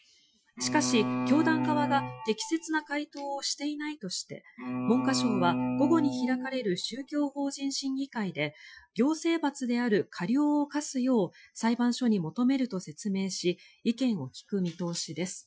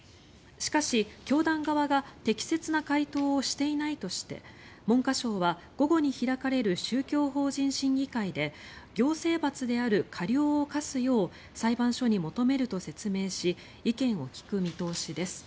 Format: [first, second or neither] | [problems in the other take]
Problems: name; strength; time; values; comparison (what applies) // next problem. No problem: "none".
second | noise reduction (classical method Wiener filter)